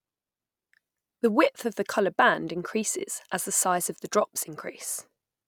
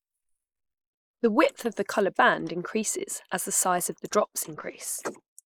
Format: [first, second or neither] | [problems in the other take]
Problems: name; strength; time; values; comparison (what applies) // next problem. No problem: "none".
first | noise reduction (neural mask model Resemble Enhance denoiser)